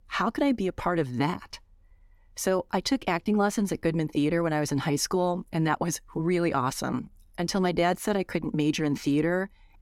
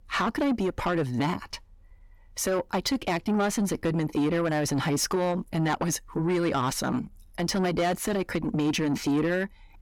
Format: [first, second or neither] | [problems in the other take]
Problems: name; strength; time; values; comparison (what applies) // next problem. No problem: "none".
first | distortion; slight; 10 dB below the speech